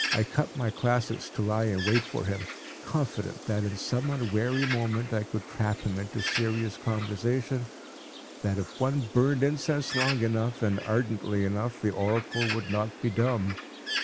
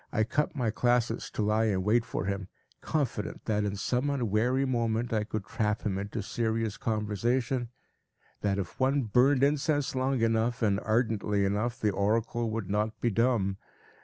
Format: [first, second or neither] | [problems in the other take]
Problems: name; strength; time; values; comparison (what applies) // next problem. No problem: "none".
second | background sound (Bird); 9 dB below the speech